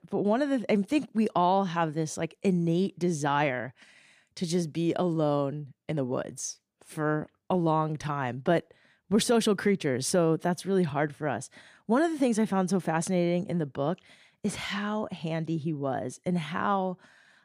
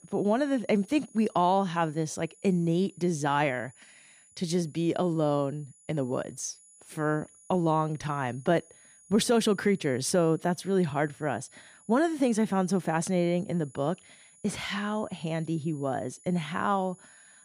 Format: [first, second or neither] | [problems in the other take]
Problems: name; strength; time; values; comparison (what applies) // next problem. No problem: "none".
first | high-pitched whine; faint; throughout; 10 kHz, 25 dB below the speech